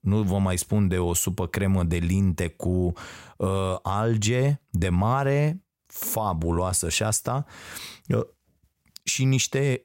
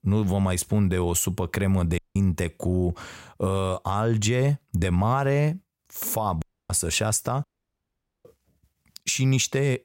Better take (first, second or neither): first